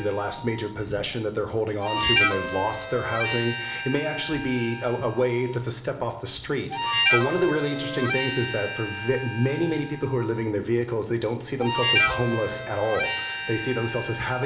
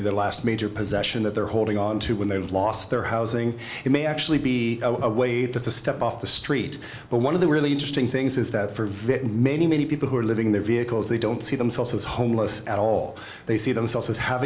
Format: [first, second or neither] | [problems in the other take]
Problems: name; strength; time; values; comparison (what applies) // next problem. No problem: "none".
second | background sound (Harmonica); 3 dB below the speech // room echo; dies away in 0.9 s